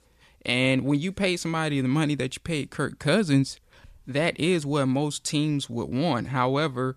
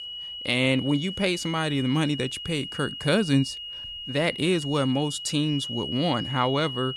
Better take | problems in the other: first | high-pitched whine; loud; throughout; 3 kHz, 8 dB below the speech

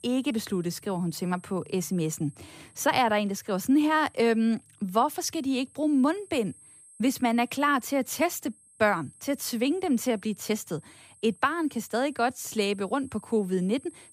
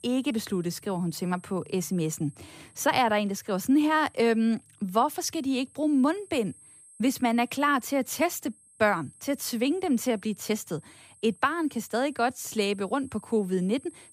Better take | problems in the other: neither | high-pitched whine; faint; throughout; 8.5 kHz, 25 dB below the speech; the same in both

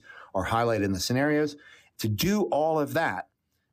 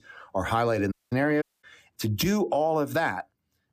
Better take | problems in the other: first | audio cutting out; at 1 s and at 1.5 s

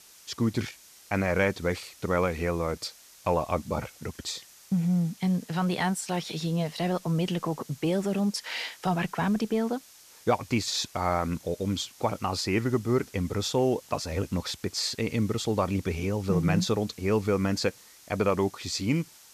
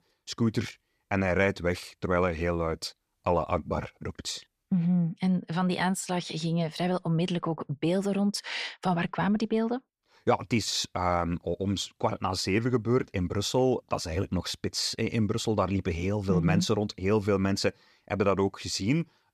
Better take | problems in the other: second | hiss; faint; throughout; 20 dB below the speech

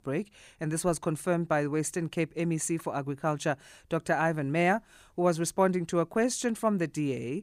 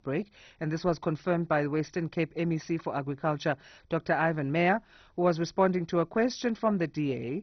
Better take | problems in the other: first | garbled, watery; badly; nothing above 6 kHz

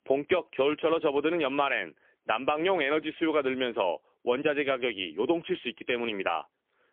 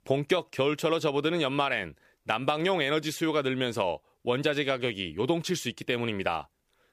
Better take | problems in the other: second | phone-call audio; poor line; nothing above 3.5 kHz

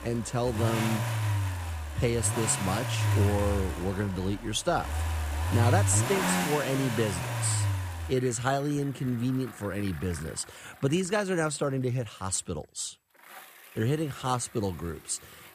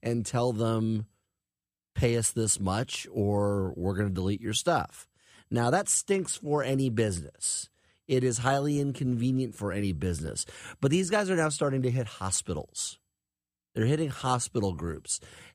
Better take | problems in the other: second | traffic noise; loud; throughout; 1 dB below the speech

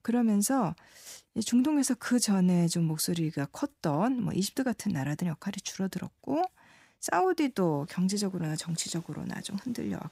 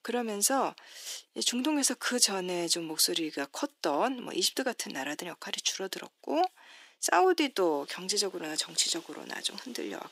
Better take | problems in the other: first | thin; somewhat; fading below 350 Hz

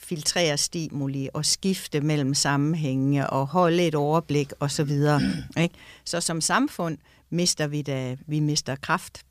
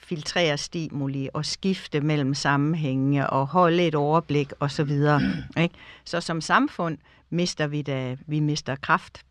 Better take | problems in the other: first | muffled; slightly; fading above 3.5 kHz

